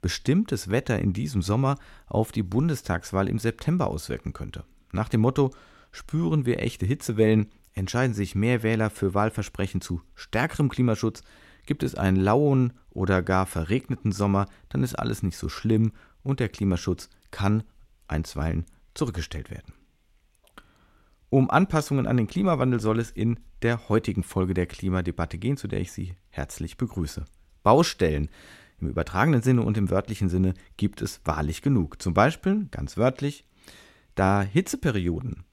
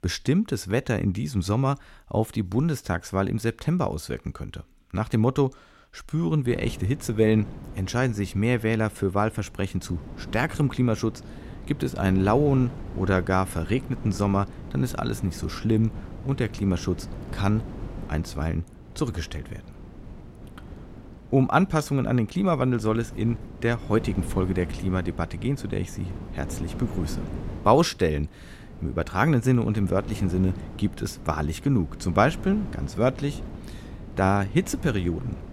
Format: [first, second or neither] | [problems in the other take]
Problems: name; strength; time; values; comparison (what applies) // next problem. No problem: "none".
first | wind noise on the microphone; occasional gusts; from 6.5 s on; 15 dB below the speech